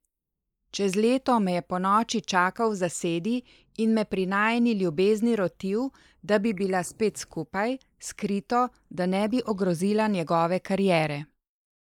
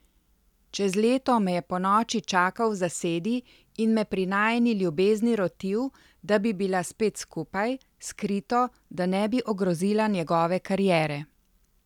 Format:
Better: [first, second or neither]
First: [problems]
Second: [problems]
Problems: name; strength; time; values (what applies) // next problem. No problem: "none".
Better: second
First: noise reduction (neural mask model Resemble Enhance denoiser)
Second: none